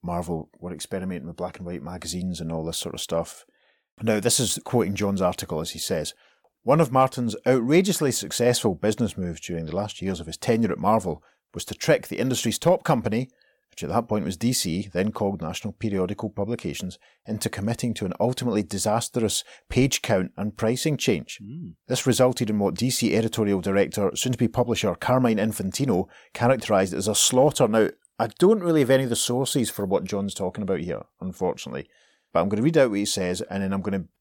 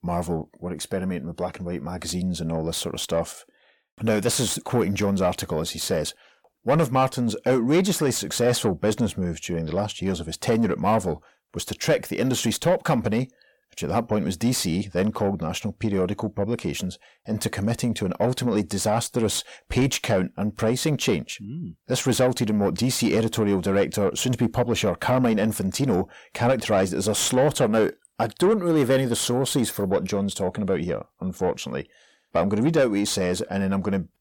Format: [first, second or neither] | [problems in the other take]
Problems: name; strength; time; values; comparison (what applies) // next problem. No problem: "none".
first | distortion; slight; 10 dB below the speech